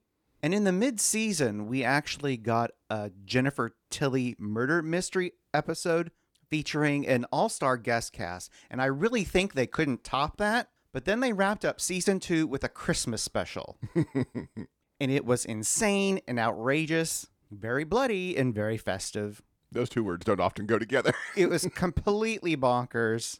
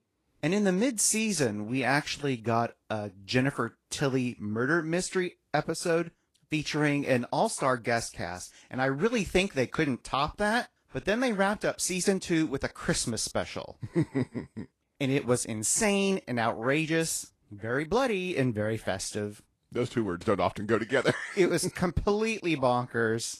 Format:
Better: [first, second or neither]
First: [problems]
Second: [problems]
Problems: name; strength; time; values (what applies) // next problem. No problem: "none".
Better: first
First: none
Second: garbled, watery; slightly